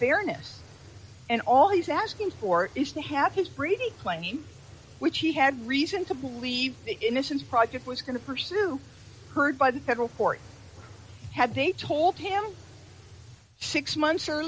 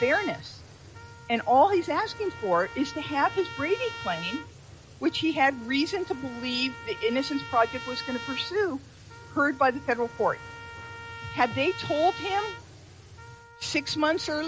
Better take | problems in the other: first | background sound (Trumpet); 14 dB below the speech

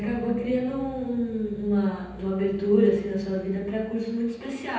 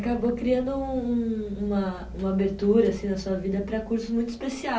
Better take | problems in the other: second | room echo; dies away in 0.9 s

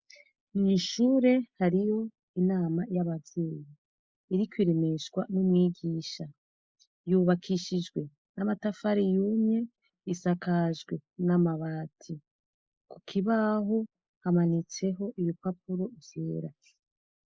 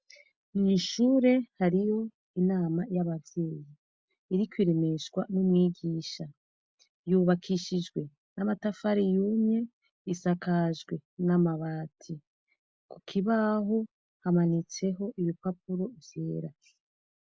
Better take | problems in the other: second | noise reduction (neural mask model Resemble Enhance denoiser)

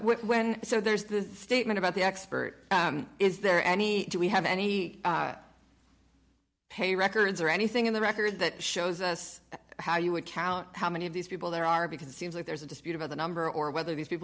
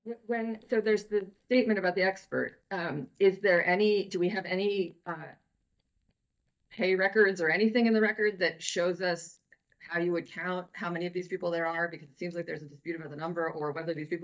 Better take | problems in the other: first | noise reduction (neural mask model DeepFilterNet 3)

